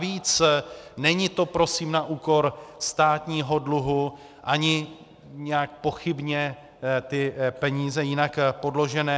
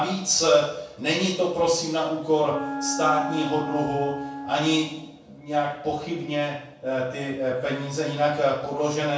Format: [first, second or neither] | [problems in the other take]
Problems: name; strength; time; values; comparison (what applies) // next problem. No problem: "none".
first | background sound (Wind instrument, woodwind instrument); 8 dB below the speech // room echo; dies away in 0.6 s